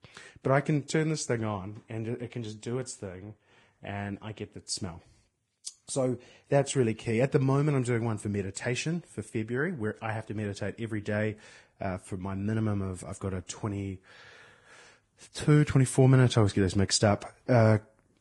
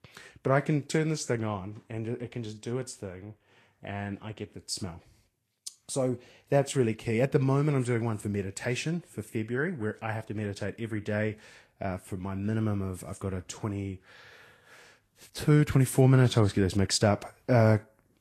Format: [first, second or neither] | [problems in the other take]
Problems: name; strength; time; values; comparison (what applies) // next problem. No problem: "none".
second | garbled, watery; badly; slightly in the second